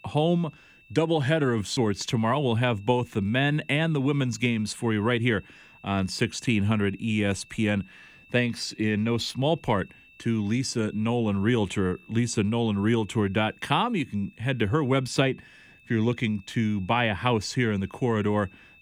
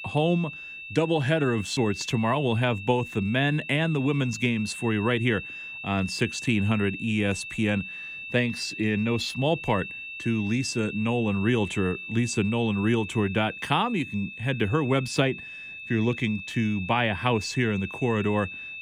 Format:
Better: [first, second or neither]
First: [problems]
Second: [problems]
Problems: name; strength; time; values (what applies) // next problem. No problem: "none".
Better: first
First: high-pitched whine; faint; throughout; 2.5 kHz, 25 dB below the speech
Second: high-pitched whine; loud; throughout; 2.5 kHz, 10 dB below the speech